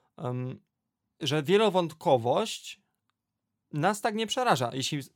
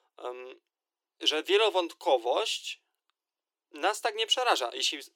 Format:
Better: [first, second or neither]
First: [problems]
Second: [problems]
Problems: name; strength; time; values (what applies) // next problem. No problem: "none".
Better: first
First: none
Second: thin; very; fading below 300 Hz